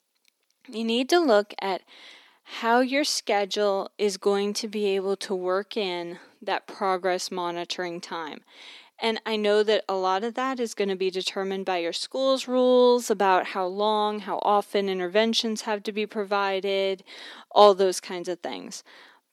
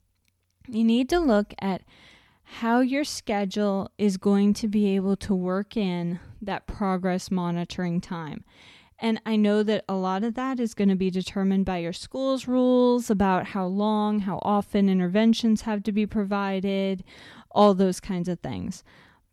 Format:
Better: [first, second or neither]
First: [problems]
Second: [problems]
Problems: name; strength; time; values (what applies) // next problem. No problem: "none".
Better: second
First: thin; somewhat; fading below 300 Hz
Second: none